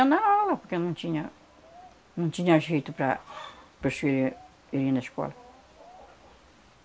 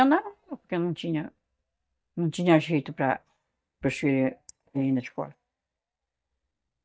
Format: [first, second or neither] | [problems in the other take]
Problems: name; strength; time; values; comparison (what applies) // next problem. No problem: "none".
first | noise reduction (neural mask model DeepFilterNet 3)